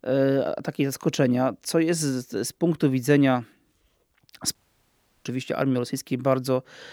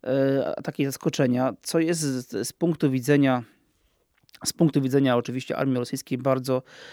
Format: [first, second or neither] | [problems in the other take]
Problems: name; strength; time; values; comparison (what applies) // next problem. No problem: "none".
second | audio cutting out; at 4.5 s for 0.5 s